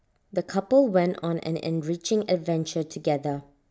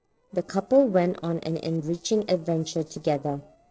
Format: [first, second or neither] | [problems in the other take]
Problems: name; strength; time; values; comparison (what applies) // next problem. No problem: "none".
first | noise reduction (neural separator model SepFormer DNS4)